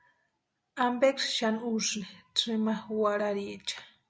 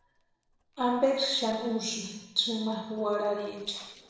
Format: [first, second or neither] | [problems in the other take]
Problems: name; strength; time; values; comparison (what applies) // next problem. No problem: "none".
first | noise reduction (neural separator model SepFormer DNS4)